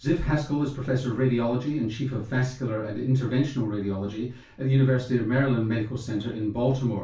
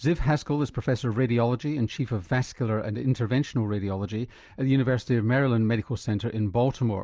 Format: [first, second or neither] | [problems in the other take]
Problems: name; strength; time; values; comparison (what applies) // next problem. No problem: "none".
second | room echo; dies away in 0.3 s